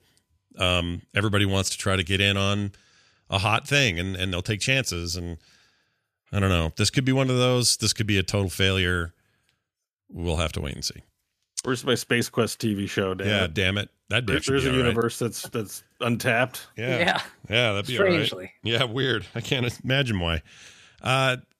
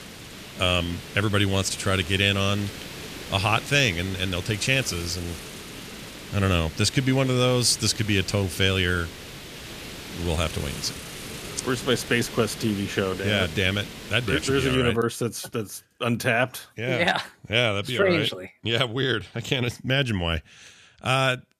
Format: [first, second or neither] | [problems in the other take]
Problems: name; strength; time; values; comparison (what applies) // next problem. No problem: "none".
first | hiss; noticeable; until 15 s; 15 dB below the speech